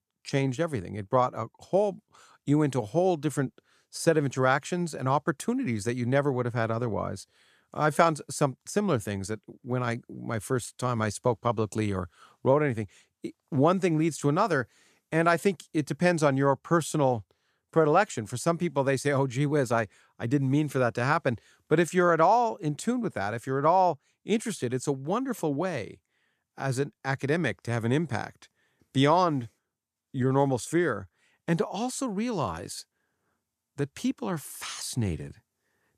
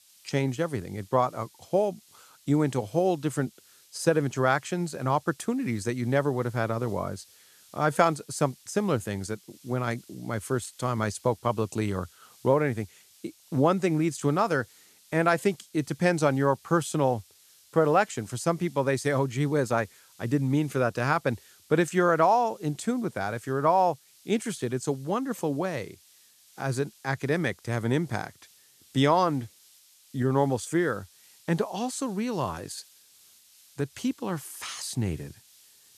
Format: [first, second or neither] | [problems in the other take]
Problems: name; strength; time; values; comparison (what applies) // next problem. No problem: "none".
first | hiss; faint; throughout; 25 dB below the speech